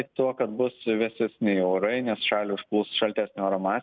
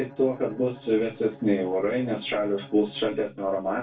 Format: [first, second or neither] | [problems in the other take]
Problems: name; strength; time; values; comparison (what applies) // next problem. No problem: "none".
first | background sound (Bowed string instrument); 20 dB below the speech // room echo; dies away in 0.2 s